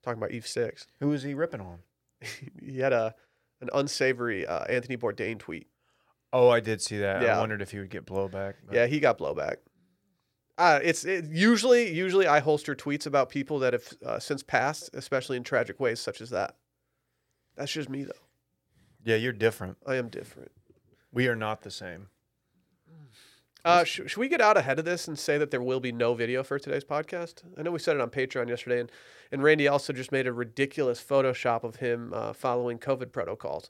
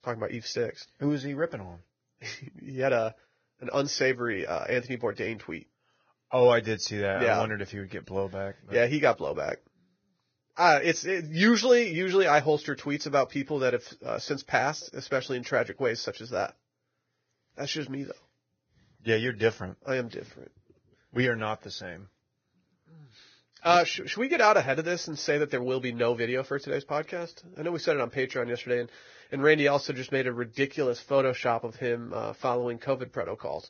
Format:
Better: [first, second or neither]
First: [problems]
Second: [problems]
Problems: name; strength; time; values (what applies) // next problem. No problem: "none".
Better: first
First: none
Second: garbled, watery; badly; nothing above 6.5 kHz